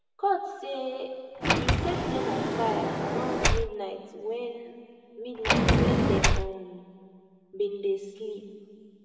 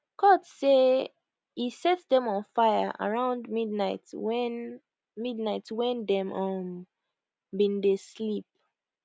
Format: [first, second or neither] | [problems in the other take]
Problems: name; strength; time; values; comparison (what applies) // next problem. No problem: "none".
second | background sound (Sliding door); 4 dB above the speech // room echo; dies away in 1.9 s